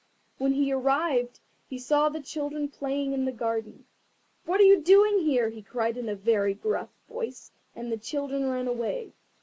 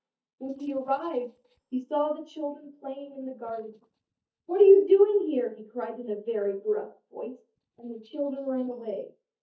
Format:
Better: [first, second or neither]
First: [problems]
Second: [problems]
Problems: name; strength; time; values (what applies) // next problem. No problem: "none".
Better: first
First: none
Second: noise reduction (neural mask model DeepFilterNet 3)